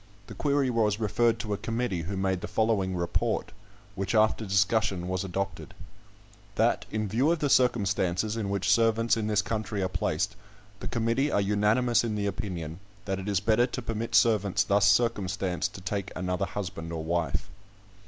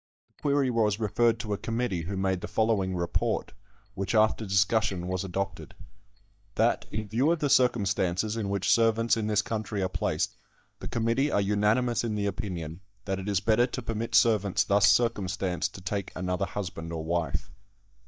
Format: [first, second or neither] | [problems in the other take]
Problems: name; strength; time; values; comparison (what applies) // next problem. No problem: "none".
first | noise reduction (neural mask model DeepFilterNet 3)